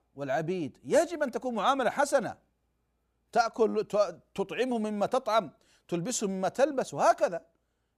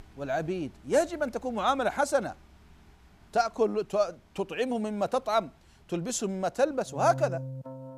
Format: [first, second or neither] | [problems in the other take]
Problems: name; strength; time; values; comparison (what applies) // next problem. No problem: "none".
first | background music; noticeable; throughout; 15 dB below the speech